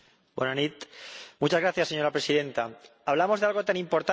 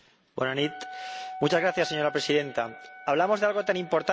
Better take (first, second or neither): first